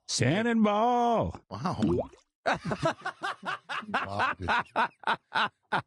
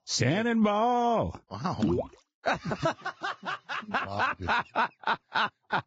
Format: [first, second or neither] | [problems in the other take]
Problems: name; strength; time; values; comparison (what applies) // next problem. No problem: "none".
first | garbled, watery; badly; nothing above 7.5 kHz; slightly in the first